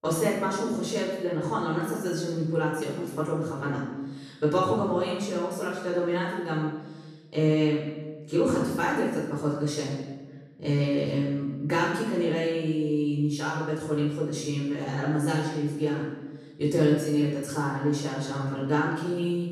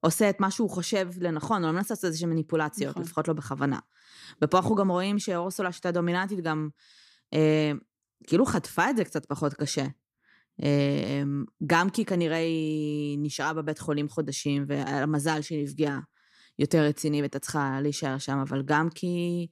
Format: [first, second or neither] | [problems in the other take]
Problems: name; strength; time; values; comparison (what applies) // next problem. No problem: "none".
second | off-mic speech; far // room echo; noticeable; dies away in 1 s